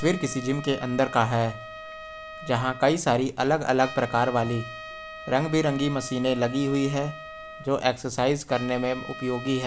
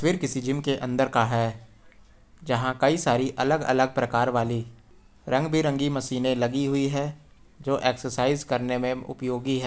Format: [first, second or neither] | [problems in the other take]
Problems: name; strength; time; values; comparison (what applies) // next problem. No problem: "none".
second | background sound (Trumpet); 14 dB below the speech